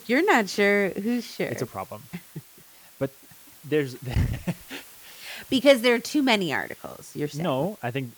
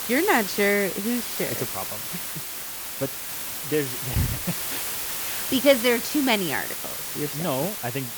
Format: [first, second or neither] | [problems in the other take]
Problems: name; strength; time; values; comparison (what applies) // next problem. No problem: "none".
first | hiss; loud; throughout; 3 dB below the speech; faint in the first